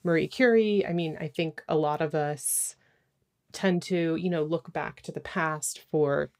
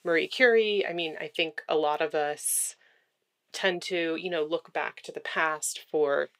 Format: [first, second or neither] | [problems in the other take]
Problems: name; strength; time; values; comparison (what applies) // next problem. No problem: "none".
first | thin; somewhat; fading below 450 Hz